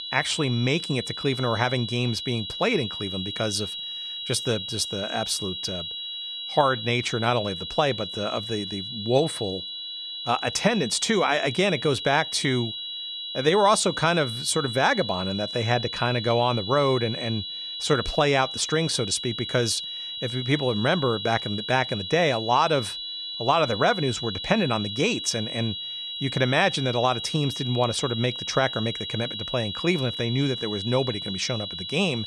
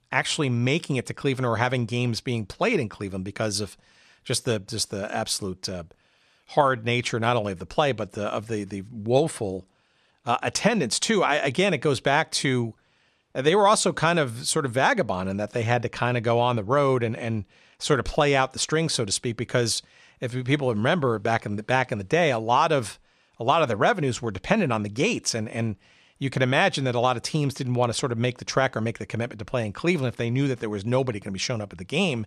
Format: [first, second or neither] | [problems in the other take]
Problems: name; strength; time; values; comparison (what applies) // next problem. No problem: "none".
second | high-pitched whine; loud; throughout; 4 kHz, 6 dB below the speech